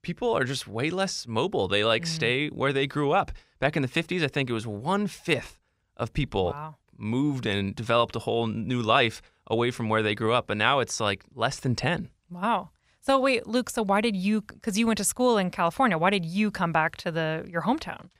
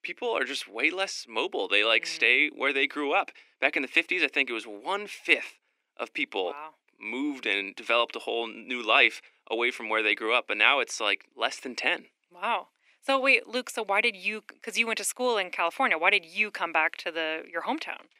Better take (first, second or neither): first